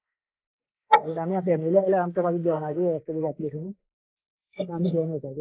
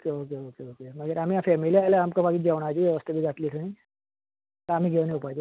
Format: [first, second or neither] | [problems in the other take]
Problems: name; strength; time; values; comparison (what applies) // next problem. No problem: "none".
second | noise reduction (neural mask model Resemble Enhance denoiser)